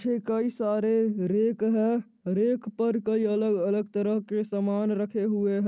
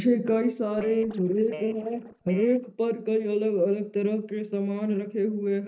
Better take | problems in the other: first | noise reduction (neural mask model DeepFilterNet 3)

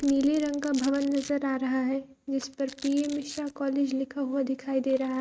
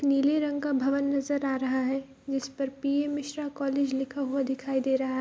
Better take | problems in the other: second | noise reduction (neural mask model RNNoise)

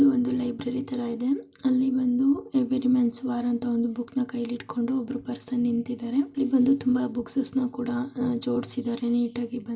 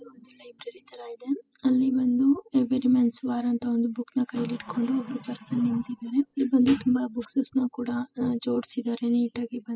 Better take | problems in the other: first | noise reduction (classical method spectral subtraction)

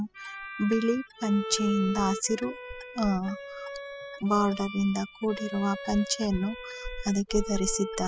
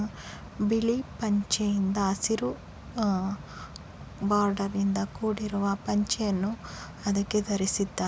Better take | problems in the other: second | noise reduction (classical method spectral subtraction)

